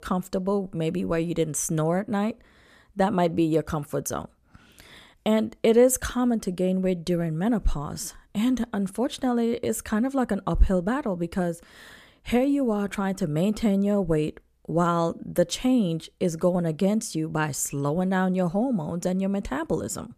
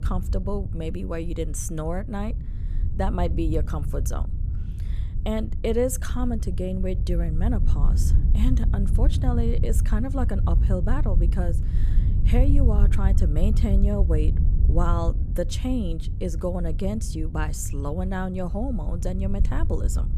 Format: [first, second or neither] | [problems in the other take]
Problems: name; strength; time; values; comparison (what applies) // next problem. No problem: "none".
first | wind noise on the microphone; occasional gusts; 10 dB below the speech